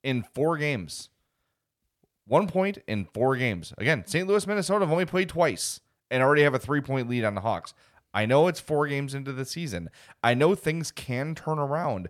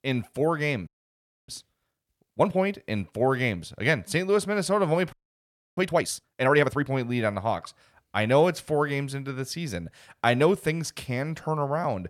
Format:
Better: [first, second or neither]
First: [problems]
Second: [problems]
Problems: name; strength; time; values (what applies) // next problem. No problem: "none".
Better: first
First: none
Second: audio freezing; at 1 s for 0.5 s and at 5 s for 0.5 s